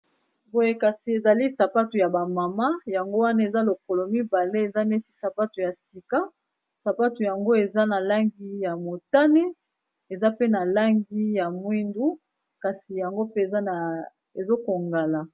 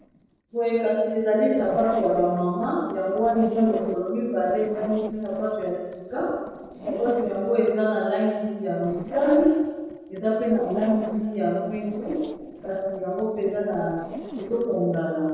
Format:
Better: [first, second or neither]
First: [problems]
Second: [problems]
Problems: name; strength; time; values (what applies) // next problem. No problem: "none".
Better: first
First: none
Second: noise reduction (neural separator model SepFormer DNS4)